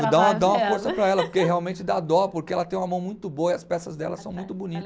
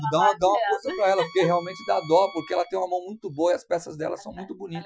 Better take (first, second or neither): first